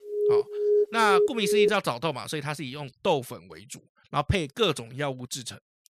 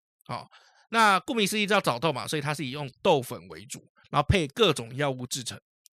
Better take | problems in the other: second | alarm; loud; until 1.5 s; peak 4 dB above the speech

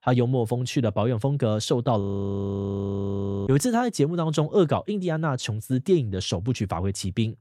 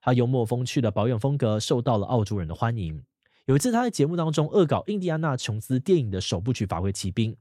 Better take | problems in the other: second | audio freezing; at 2 s for 1.5 s

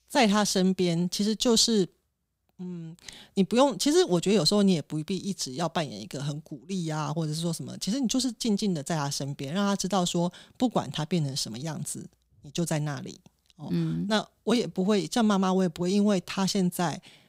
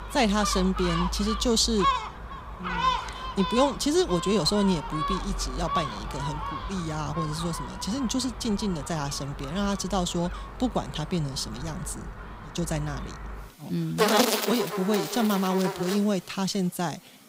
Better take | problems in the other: first | animal sounds; loud; throughout; 4 dB below the speech

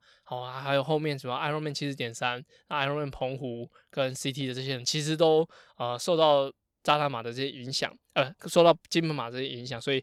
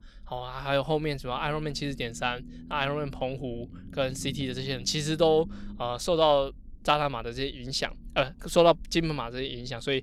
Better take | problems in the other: first | low rumble; faint; throughout; 25 dB below the speech

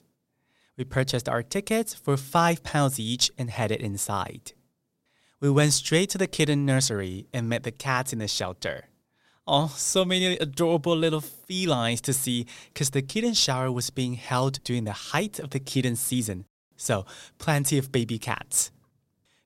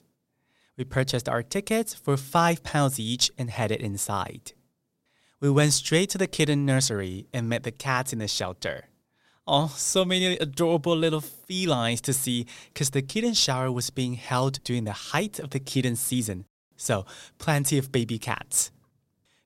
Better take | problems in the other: neither | none

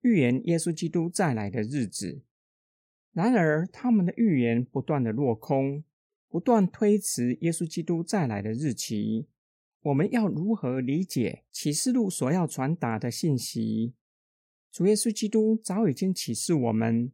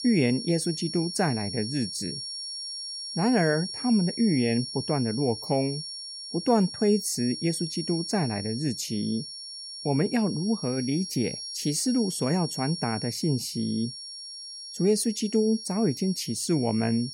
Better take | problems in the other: first | high-pitched whine; loud; throughout; 5.5 kHz, 8 dB below the speech

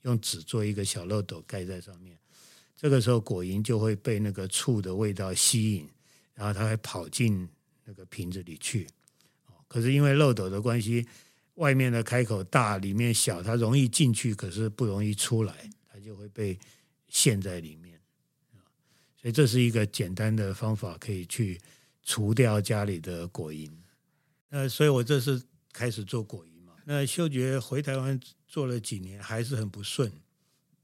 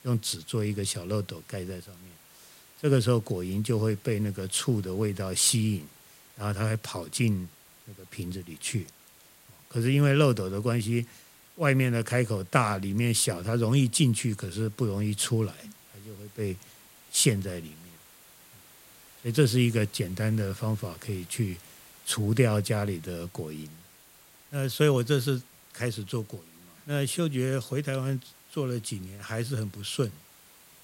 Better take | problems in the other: first | hiss; faint; throughout; 25 dB below the speech

